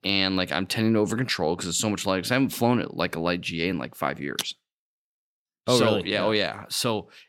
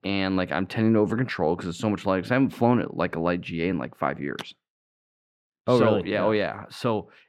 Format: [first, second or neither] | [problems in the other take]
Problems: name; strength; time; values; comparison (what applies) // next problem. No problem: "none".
first | muffled; slightly; fading above 3 kHz